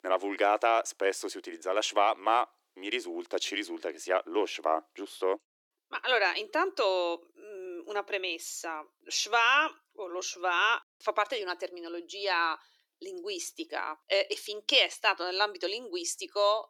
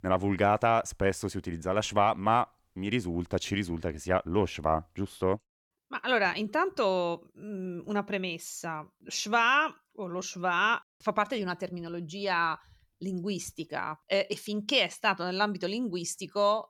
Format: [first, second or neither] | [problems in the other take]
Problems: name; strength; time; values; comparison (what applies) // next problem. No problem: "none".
second | thin; very; fading below 300 Hz